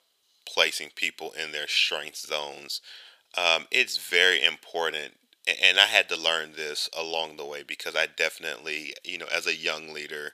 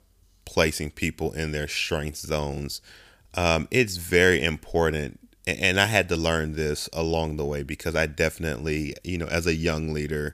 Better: second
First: thin; very; fading below 650 Hz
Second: none

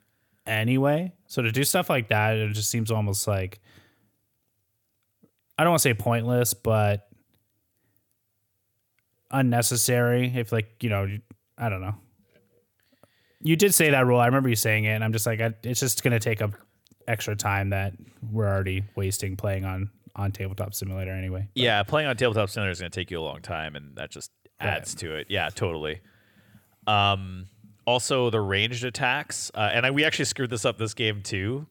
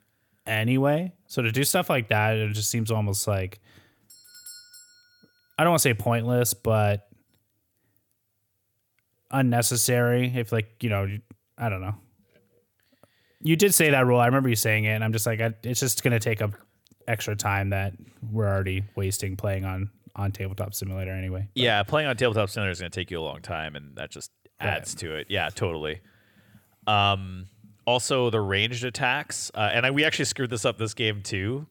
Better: first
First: none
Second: doorbell; faint; at 4 s; peak 15 dB below the speech

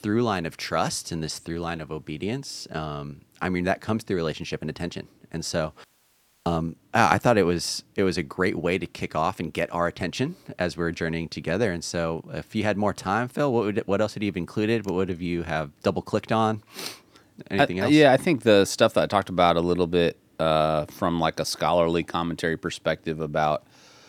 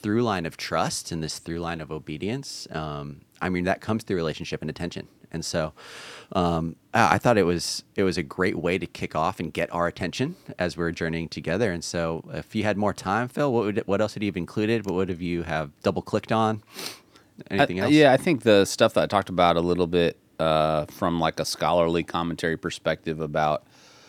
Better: second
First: audio cutting out; at 6 s for 0.5 s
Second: none

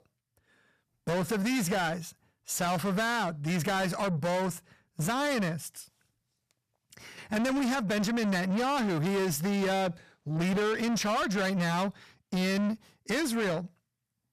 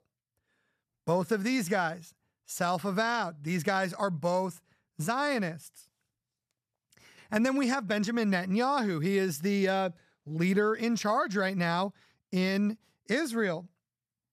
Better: second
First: distortion; heavy; 7 dB below the speech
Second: none

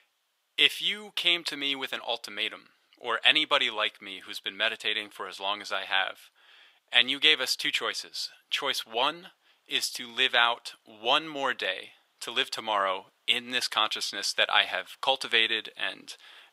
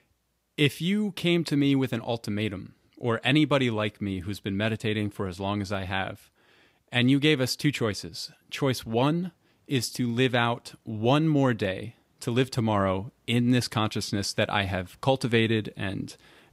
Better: second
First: thin; very; fading below 800 Hz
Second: none

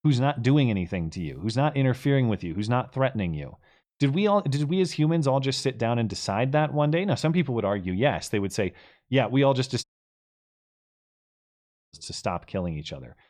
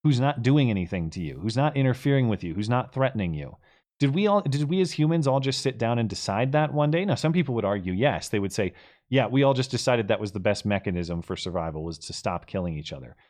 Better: second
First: audio cutting out; at 10 s for 2 s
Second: none

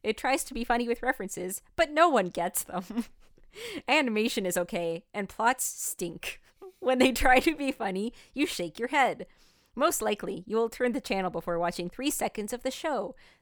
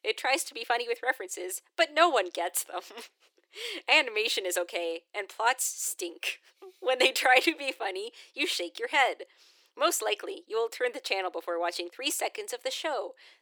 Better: first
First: none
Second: thin; very; fading below 350 Hz

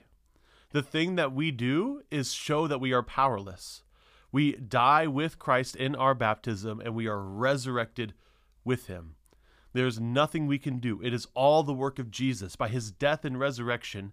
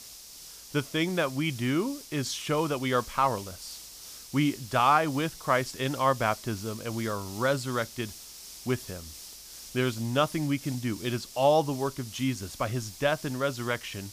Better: first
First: none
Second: hiss; noticeable; throughout; 15 dB below the speech

